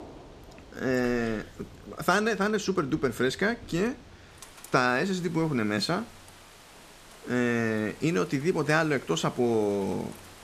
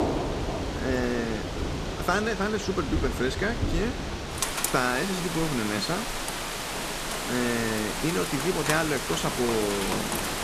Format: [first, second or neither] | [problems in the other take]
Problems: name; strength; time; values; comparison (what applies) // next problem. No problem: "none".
first | rain or running water; loud; throughout; 2 dB below the speech; faint in the first